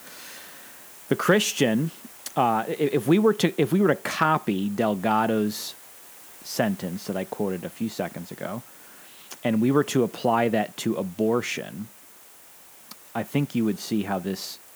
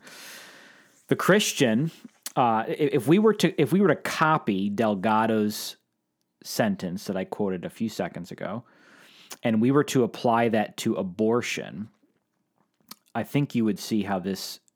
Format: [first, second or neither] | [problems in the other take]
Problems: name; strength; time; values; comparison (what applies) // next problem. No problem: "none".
second | hiss; noticeable; throughout; 20 dB below the speech